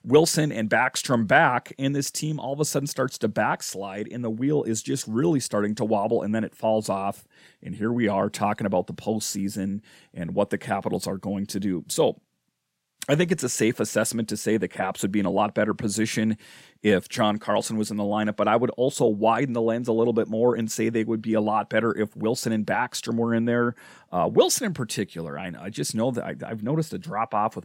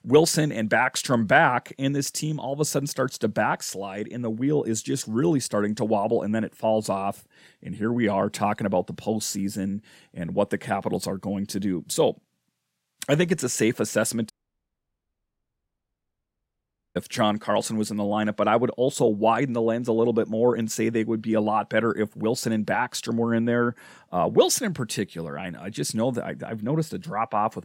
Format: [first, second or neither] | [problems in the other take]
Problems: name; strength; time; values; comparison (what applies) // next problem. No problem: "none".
first | audio cutting out; at 14 s for 2.5 s